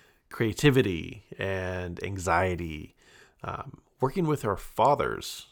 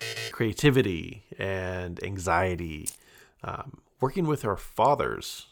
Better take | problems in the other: first | alarm; noticeable; at the start; peak 6 dB below the speech // jangling keys; noticeable; at 3 s; peak 9 dB below the speech

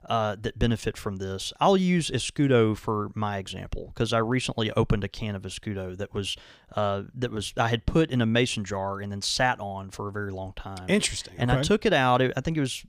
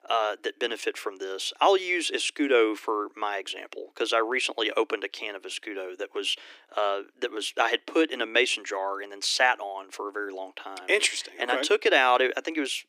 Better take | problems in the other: first | thin; very; fading below 300 Hz

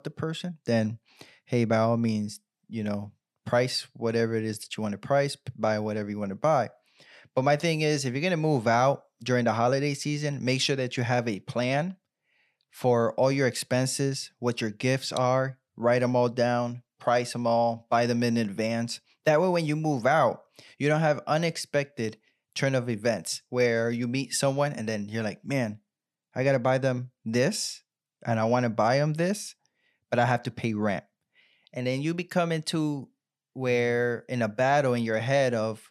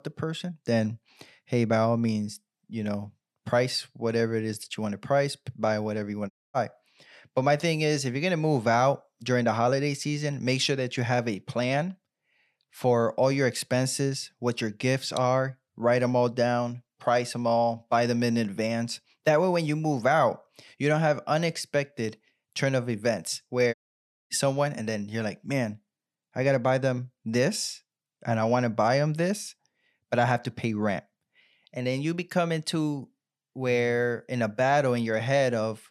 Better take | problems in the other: first | audio cutting out; at 6.5 s and at 24 s for 0.5 s

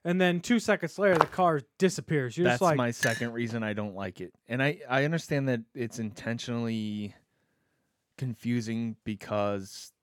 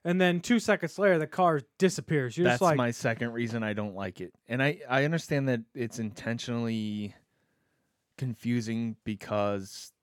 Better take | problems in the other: second | footsteps; loud; at 1 s; peak 1 dB above the speech // clattering dishes; noticeable; at 3 s; peak 3 dB below the speech

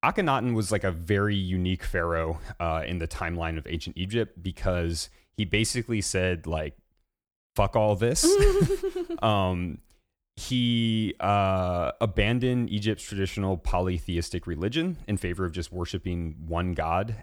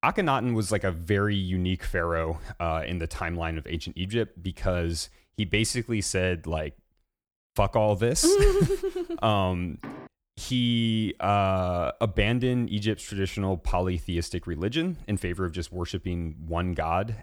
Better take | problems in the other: first | door banging; faint; at 10 s; peak 15 dB below the speech

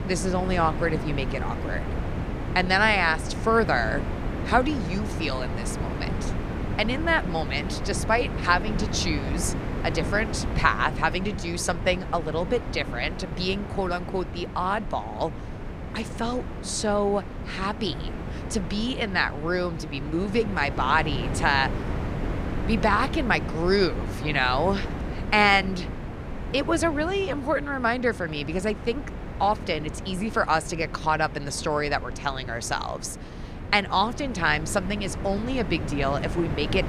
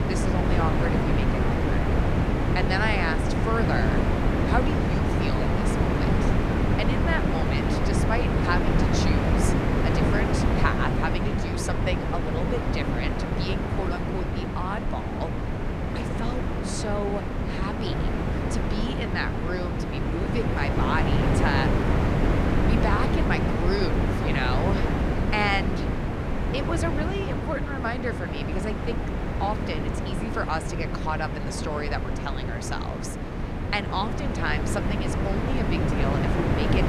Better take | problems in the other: first | wind noise on the microphone; heavy; as loud as the speech; occasional gusts in the first

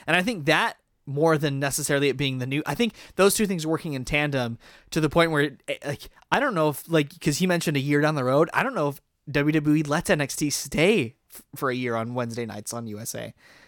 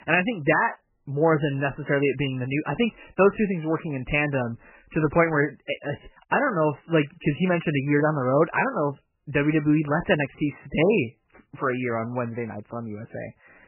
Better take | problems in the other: first | garbled, watery; badly; nothing above 3 kHz

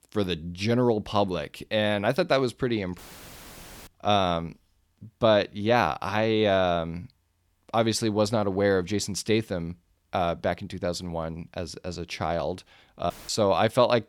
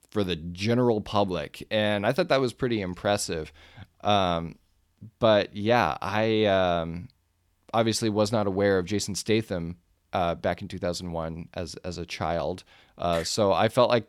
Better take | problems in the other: second | audio cutting out; filled with static; at 3 s for 1 s and at 13 s

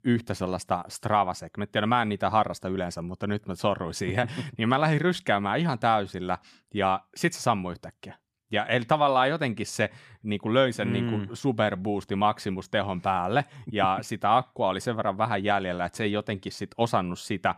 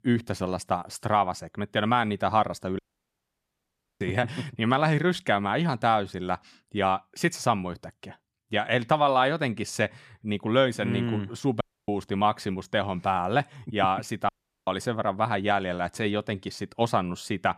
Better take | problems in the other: first | audio cutting out; at 3 s for 1 s, at 12 s and at 14 s

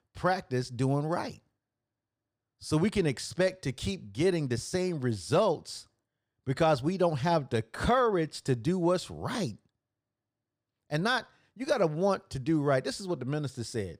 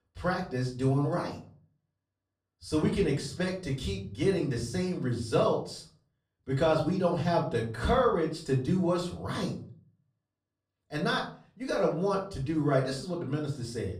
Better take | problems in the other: first | off-mic speech; far // room echo; slight; dies away in 0.4 s

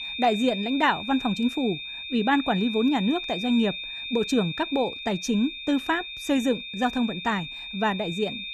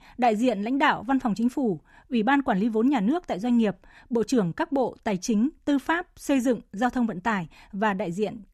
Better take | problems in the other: second | high-pitched whine; loud; throughout; 3.5 kHz, 7 dB below the speech

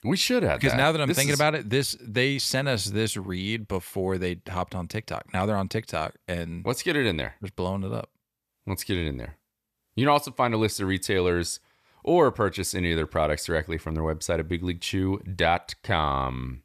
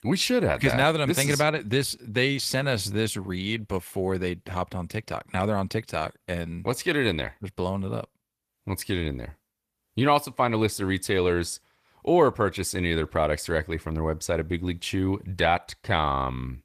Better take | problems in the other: first | garbled, watery; slightly; nothing above 14.5 kHz

